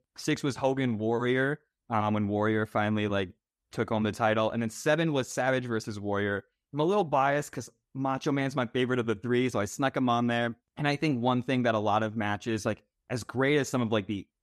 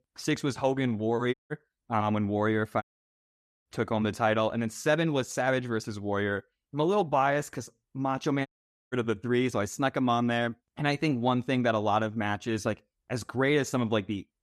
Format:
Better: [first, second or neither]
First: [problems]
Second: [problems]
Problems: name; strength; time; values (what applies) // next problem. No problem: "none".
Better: first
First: none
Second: audio cutting out; at 1.5 s, at 3 s for 1 s and at 8.5 s